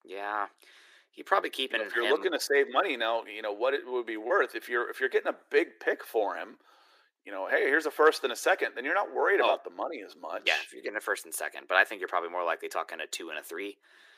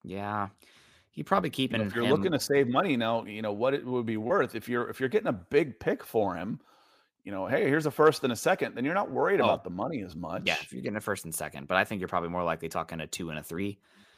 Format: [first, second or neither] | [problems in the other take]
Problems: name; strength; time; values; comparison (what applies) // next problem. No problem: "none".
second | thin; very; fading below 350 Hz